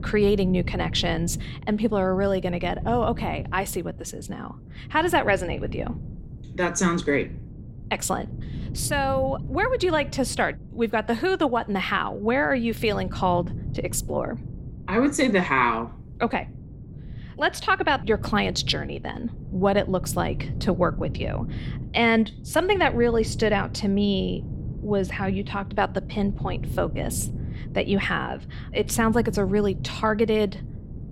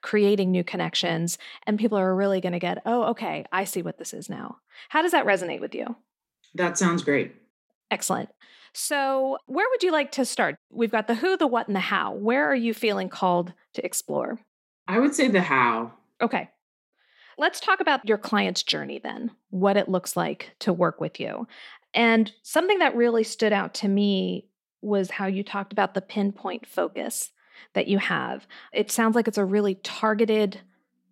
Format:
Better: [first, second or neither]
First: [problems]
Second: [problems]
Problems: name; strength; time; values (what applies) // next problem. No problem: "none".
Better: second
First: wind noise on the microphone; occasional gusts; 20 dB below the speech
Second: none